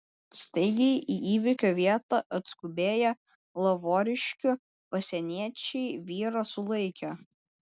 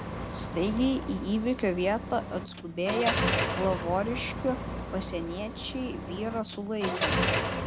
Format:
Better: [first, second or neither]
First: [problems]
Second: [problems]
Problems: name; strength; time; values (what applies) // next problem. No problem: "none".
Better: first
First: none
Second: background sound (Car); 1 dB below the speech